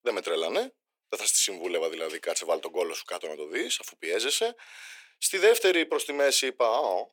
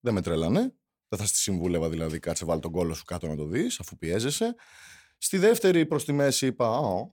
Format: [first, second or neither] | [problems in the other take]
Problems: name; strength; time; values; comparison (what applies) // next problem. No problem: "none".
second | thin; very; fading below 400 Hz